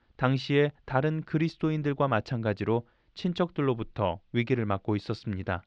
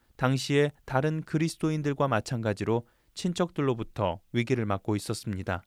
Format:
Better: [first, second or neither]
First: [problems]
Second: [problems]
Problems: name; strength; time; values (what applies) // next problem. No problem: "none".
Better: second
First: muffled; very slightly; fading above 4 kHz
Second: none